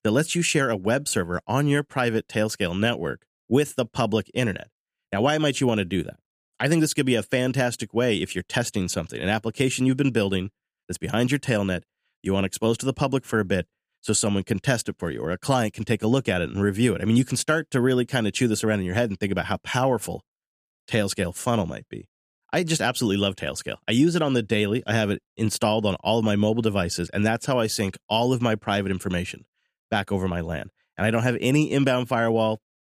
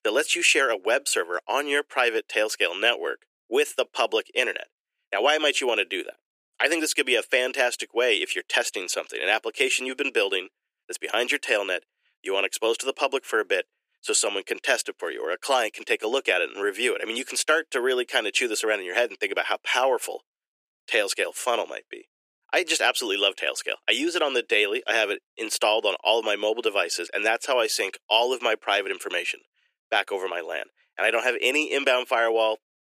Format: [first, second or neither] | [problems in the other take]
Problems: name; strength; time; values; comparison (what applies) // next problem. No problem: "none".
first | thin; very; fading below 350 Hz